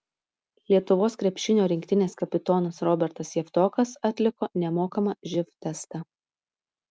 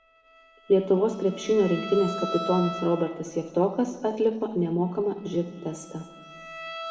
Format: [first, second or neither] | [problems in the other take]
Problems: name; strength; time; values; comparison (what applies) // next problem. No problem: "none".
first | background sound (Bowed string instrument); 13 dB below the speech // room echo; dies away in 1.5 s